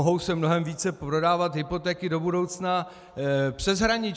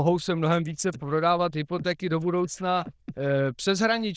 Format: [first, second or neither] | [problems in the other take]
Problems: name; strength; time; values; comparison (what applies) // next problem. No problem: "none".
first | noise reduction (neural diffusion model UNIVERSE++)